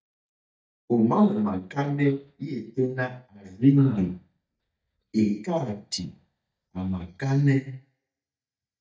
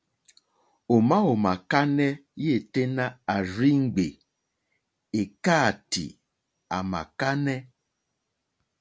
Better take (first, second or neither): second